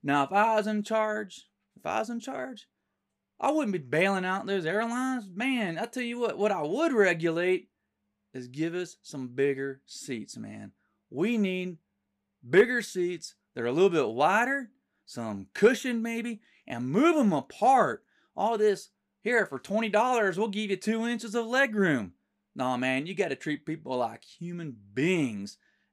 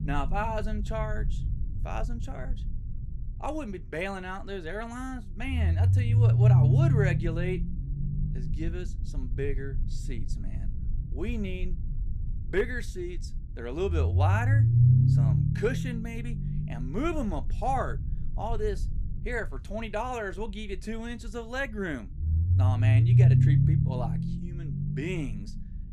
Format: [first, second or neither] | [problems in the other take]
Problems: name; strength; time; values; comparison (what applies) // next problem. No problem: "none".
first | low rumble; loud; throughout; 3 dB below the speech